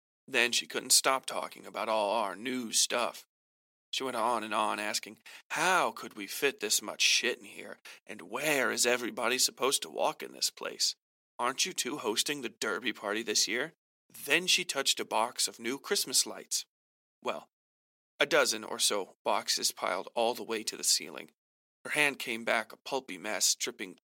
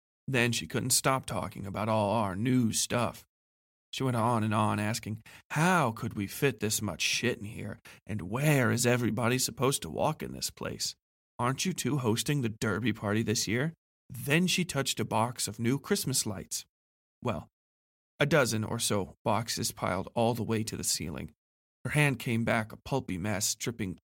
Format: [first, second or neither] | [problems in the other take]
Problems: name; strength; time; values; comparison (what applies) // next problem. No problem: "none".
second | thin; somewhat; fading below 350 Hz